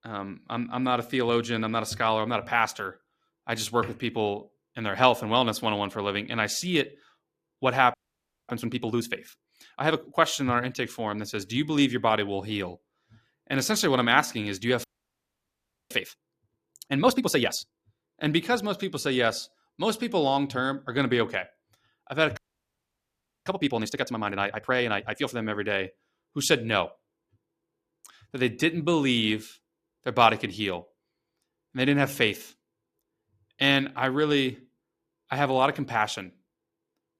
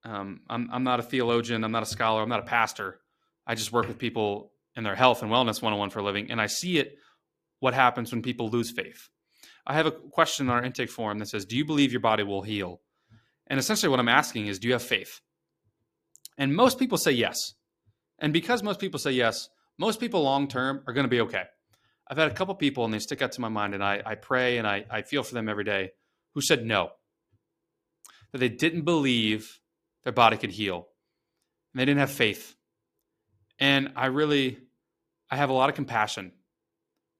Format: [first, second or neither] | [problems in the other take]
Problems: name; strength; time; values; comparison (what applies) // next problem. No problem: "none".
second | audio freezing; at 8 s for 0.5 s, at 15 s for 1 s and at 22 s for 1 s